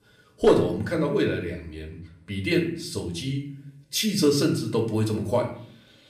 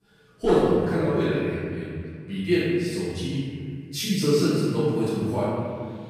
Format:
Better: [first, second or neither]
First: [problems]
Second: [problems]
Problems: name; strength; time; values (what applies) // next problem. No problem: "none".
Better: first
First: room echo; slight; dies away in 0.5 s // off-mic speech; somewhat distant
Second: room echo; strong; dies away in 2.1 s // off-mic speech; far